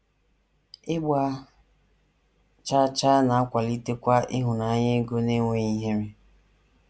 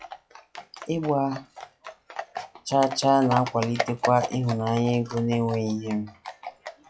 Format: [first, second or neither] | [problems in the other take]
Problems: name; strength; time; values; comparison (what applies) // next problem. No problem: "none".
first | noise reduction (classical method log-MMSE)